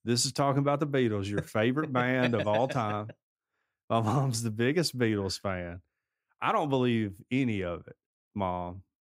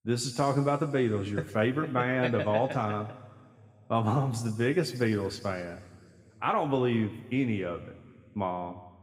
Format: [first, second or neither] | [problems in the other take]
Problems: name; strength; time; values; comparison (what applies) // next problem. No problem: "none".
first | room echo; slight; dies away in 2.6 s